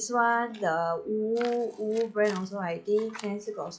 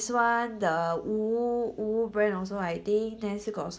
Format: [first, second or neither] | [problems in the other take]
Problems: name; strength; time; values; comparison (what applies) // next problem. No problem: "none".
second | noise reduction (classical method log-MMSE)